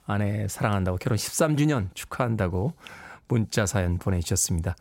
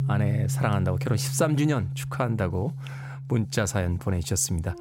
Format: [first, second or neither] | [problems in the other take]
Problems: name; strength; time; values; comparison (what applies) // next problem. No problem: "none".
first | background music; loud; throughout; 5 dB below the speech